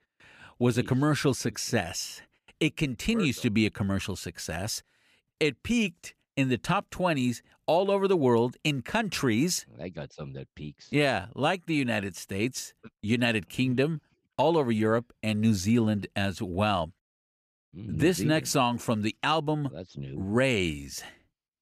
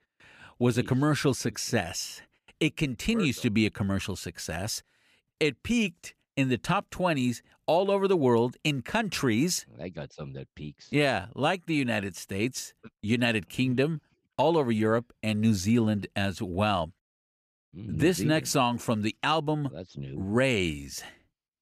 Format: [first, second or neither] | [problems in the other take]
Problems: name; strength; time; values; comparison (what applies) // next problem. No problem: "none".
neither | none